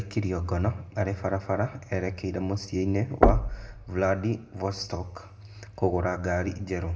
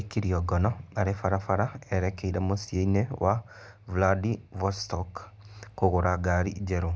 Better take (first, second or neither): second